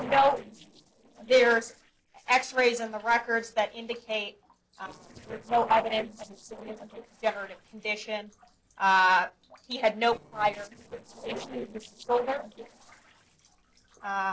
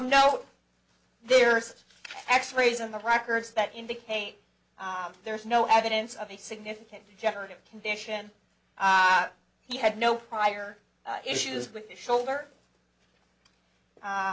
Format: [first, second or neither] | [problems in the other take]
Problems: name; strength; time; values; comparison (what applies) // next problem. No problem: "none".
second | noise reduction (neural separator model SepFormer DNS4)